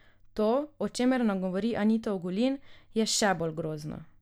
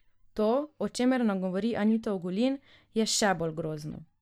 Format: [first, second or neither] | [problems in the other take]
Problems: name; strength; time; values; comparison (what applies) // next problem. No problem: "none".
first | noise reduction (neural mask model DeepFilterNet 3)